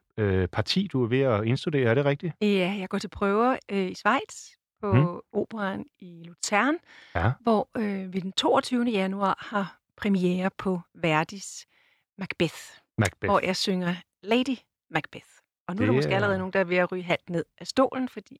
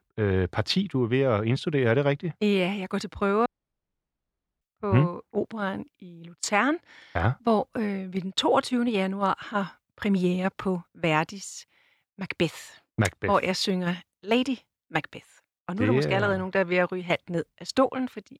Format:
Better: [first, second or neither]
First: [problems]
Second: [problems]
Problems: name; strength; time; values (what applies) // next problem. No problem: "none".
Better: first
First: none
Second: audio cutting out; at 3.5 s for 1 s